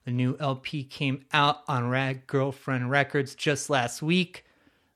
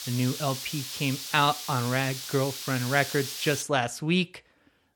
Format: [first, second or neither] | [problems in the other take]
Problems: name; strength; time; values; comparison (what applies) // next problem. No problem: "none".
first | hiss; loud; until 3.5 s; 7 dB below the speech